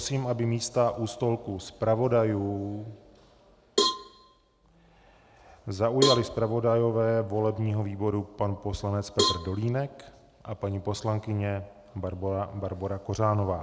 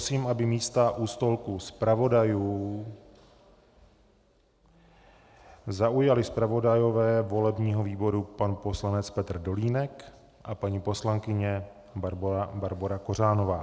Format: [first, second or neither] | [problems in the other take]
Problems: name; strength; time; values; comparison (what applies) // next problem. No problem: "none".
second | background sound (Cowbell); 4 dB below the speech